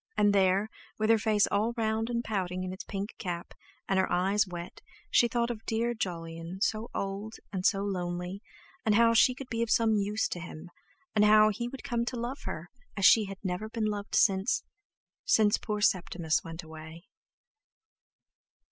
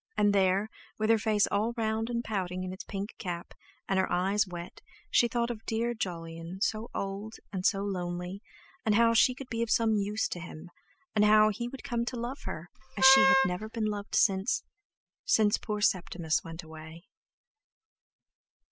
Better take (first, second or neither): first